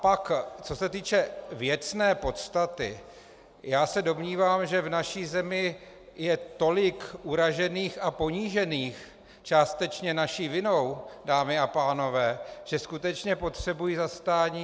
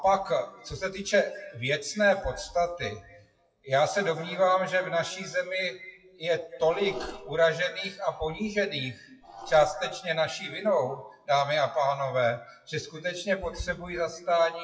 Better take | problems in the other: first | noise reduction (classical method WPE with log-MMSE)

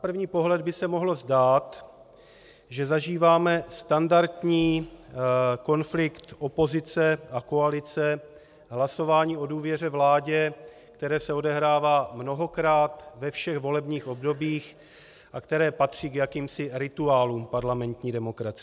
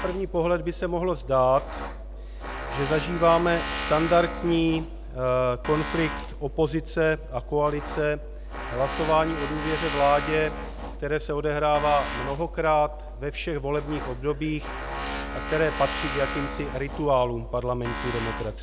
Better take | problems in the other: first | background sound (Tools); 7 dB below the speech

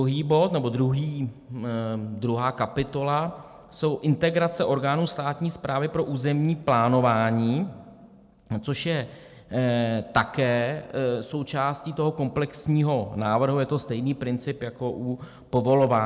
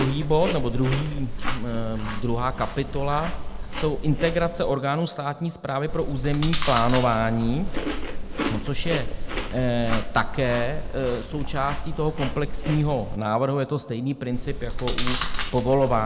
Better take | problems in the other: first | background sound (Chewing, mastication); 2 dB below the speech

